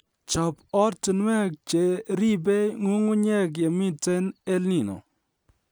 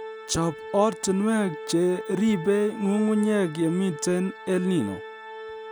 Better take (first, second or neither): first